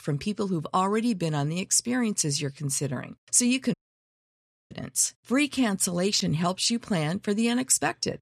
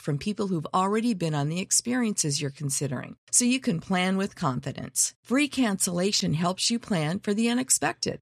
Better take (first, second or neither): second